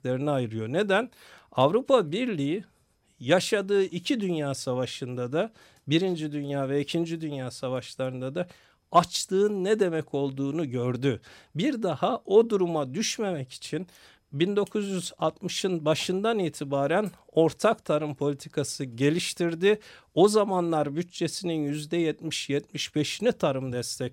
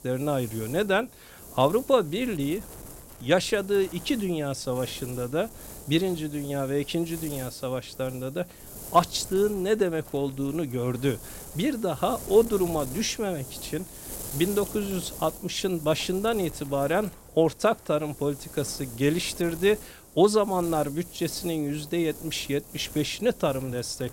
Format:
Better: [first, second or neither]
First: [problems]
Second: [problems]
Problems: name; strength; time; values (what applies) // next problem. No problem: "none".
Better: first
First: none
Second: wind noise on the microphone; occasional gusts; 15 dB below the speech